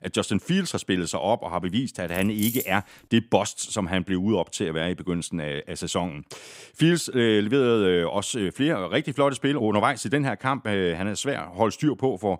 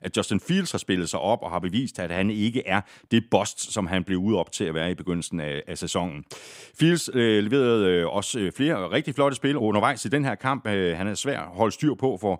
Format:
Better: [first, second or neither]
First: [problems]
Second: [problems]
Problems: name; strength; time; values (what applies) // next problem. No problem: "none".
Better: second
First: jangling keys; noticeable; at 2 s; peak 5 dB below the speech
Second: none